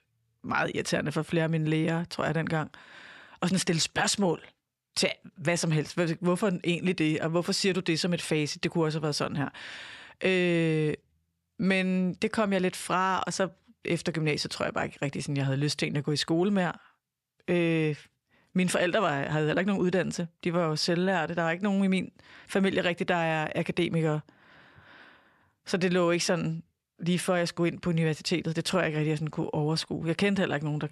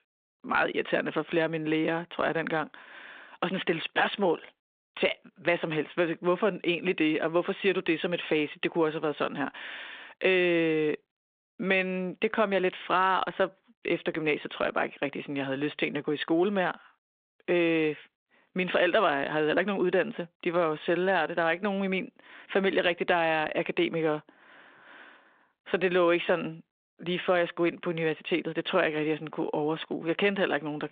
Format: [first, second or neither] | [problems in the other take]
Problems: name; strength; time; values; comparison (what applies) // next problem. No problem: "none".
first | phone-call audio; nothing above 3.5 kHz